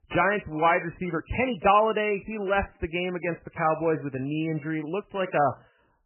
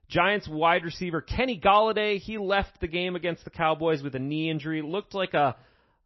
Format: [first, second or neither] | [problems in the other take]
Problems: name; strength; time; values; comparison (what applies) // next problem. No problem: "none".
second | garbled, watery; badly; nothing above 3 kHz; slightly in the second